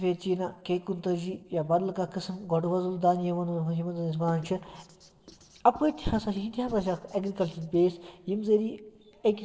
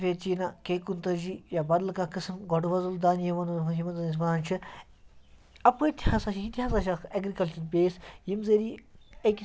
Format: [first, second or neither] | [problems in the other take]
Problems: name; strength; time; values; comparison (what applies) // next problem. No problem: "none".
second | noise reduction (neural separator model SepFormer DNS4)